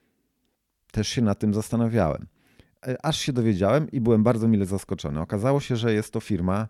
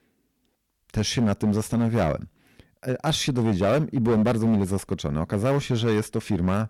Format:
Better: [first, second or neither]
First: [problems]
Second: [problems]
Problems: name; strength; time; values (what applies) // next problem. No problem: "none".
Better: first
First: none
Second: distortion; slight; 9% of the sound clipped